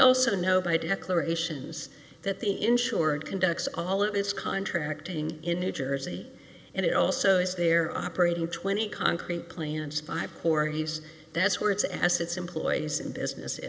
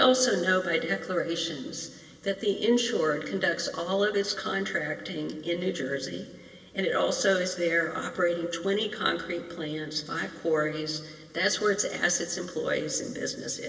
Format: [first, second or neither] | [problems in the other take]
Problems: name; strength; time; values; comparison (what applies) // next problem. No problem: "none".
first | room echo; dies away in 2.9 s